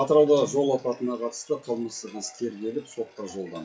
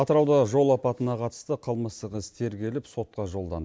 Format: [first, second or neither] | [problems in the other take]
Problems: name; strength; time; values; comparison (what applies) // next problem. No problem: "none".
second | noise reduction (classical method WPE with log-MMSE)